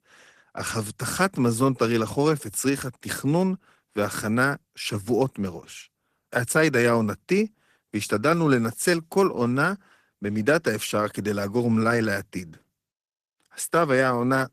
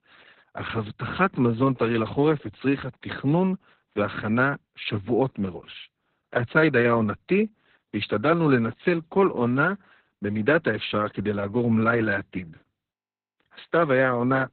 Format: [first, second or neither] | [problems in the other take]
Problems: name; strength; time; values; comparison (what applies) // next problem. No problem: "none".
first | garbled, watery; badly; nothing above 4 kHz; slightly in the first